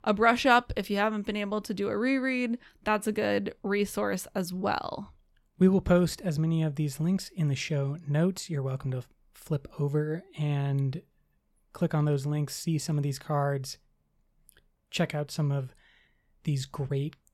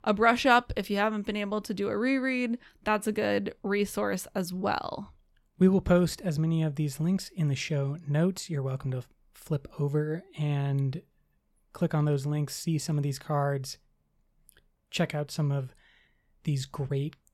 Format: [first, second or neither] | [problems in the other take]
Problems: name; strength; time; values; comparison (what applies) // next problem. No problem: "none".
neither | none